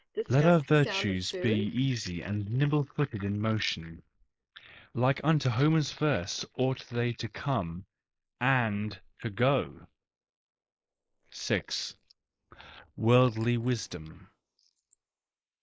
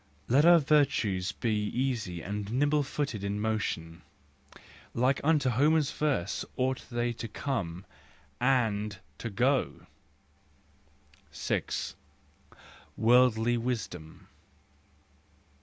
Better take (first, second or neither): second